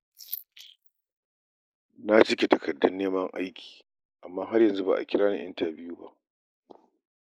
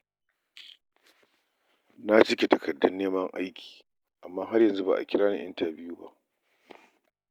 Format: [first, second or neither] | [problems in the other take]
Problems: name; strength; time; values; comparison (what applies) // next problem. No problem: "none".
second | noise reduction (neural mask model Resemble Enhance denoiser)